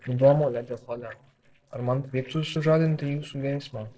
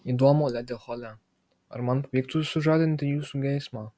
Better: second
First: noise reduction (neural separator model SepFormer DNS4)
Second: none

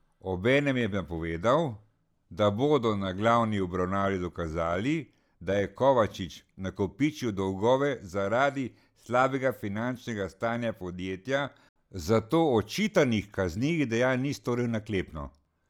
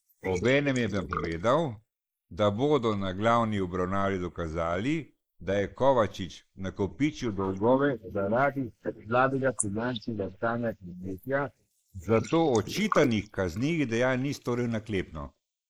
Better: first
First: none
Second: noise reduction (neural mask model Resemble Enhance denoiser)

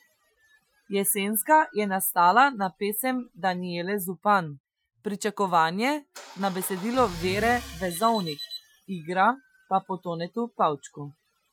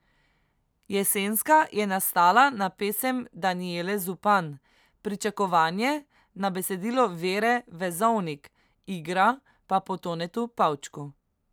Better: second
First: noise reduction (classical method Wiener filter)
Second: none

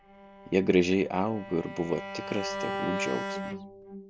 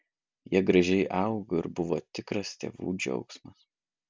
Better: second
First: background sound (Bowed string instrument); 7 dB below the speech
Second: none

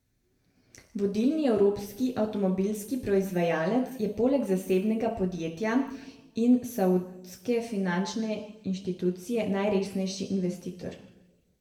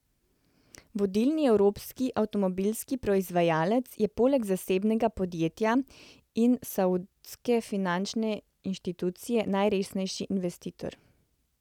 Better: second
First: room echo; dies away in 0.8 s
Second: none

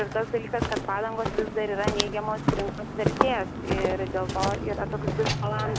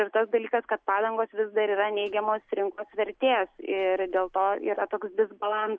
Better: second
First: background sound (Walk, footsteps); 1 dB above the speech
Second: none

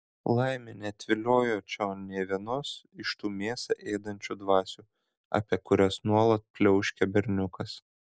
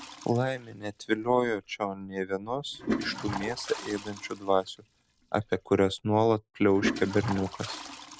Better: first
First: none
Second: background sound (Toilet flush); 10 dB below the speech

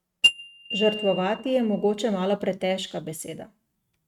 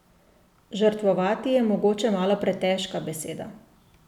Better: second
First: noise reduction (neural mask model RNNoise)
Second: none

